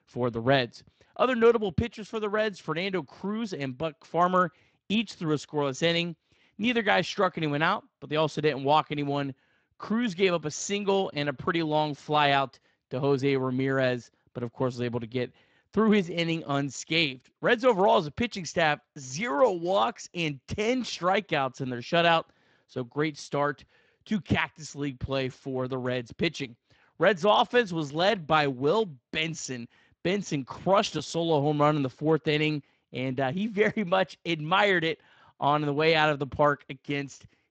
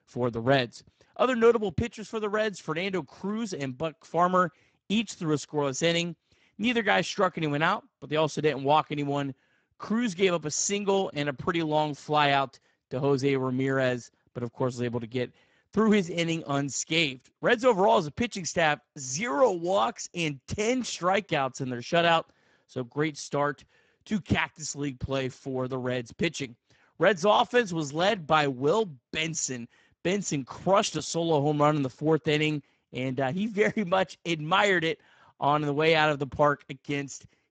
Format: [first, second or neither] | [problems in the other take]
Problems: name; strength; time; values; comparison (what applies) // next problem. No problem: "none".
first | garbled, watery; badly; nothing above 7.5 kHz; slightly in the first